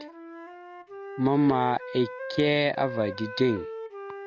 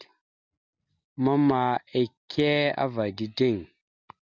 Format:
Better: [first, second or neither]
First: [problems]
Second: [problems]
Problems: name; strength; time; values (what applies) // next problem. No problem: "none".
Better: second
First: background sound (Wind instrument, woodwind instrument); 11 dB below the speech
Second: none